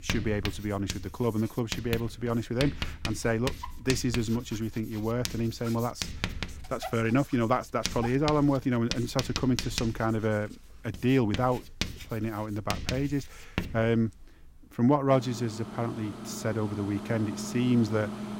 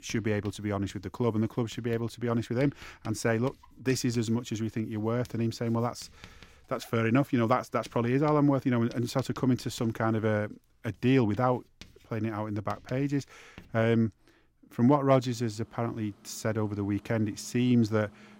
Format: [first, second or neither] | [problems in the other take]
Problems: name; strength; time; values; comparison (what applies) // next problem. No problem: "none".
second | household noises; loud; throughout; 8 dB below the speech; faint in the second